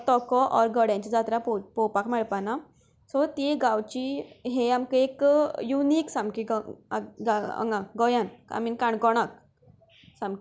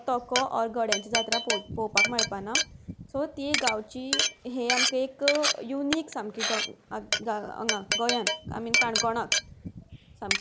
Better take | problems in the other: first | background sound (Glass); 1 dB above the speech

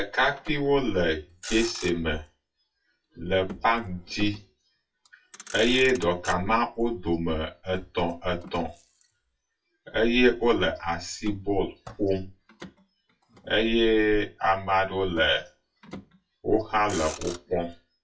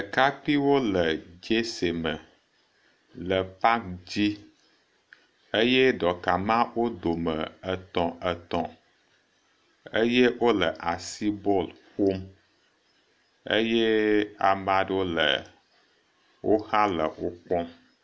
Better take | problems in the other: second | noise reduction (classical method WPE with log-MMSE)

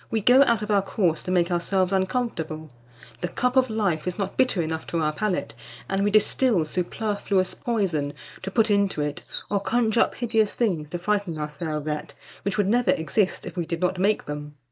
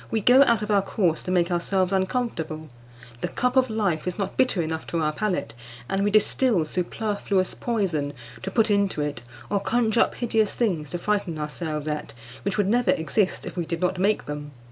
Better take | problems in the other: second | noise reduction (neural mask model DeepFilterNet 3)

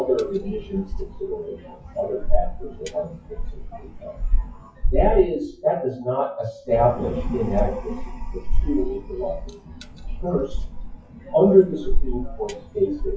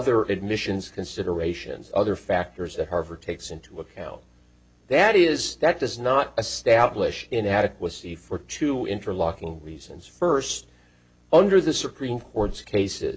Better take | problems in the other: second | noise reduction (classical method WPE with log-MMSE)

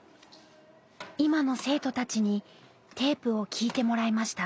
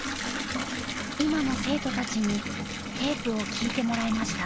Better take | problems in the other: first | background sound (Bathtub (filling or washing) / Water tap, faucet); 2 dB below the speech

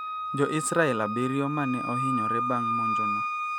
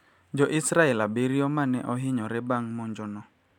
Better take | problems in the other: second | background sound (Wind instrument, woodwind instrument); 1 dB below the speech

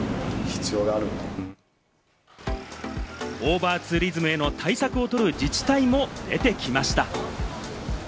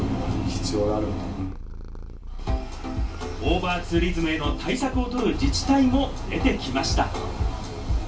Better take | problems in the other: first | background sound (Purr); 9 dB below the speech // room echo; dies away in 0.3 s

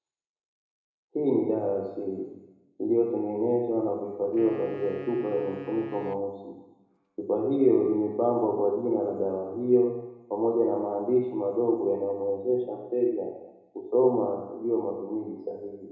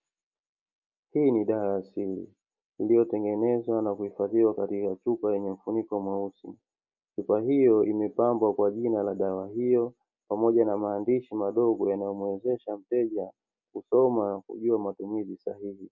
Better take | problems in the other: second | background sound (Wind instrument, woodwind instrument); 17 dB below the speech // room echo; dies away in 1 s

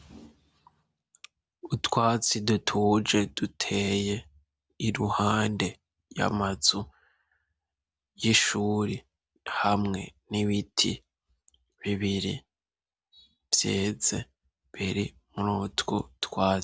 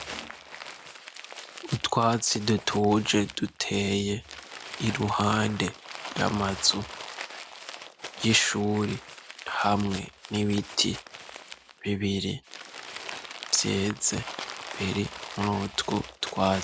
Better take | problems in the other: first | background sound (Crumpling, crinkling); 12 dB below the speech

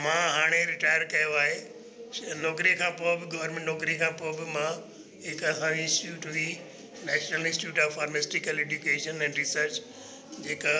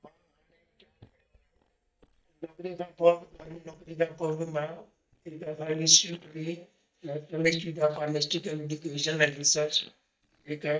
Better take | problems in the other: first | noise reduction (neural mask model DeepFilterNet 3)

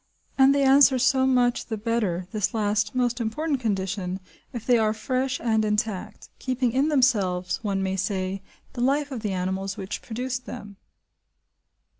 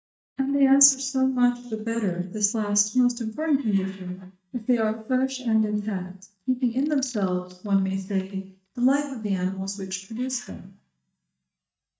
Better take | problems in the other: first | noise reduction (neural mask model DeepFilterNet 3)

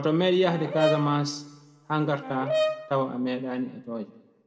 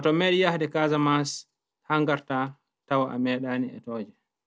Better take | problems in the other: second | background sound (Brass instrument); 4 dB below the speech // room echo; dies away in 1 s

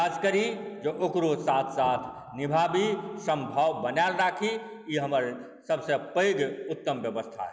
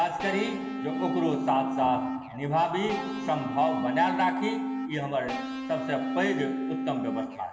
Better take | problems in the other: first | background sound (Electric guitar / Bass guitar); 3 dB below the speech // room echo; dies away in 0.9 s

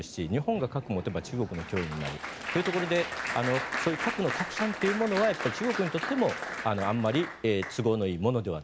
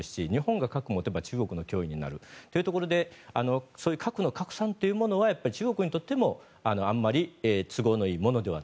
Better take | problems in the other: second | background sound (Applause); 7 dB below the speech

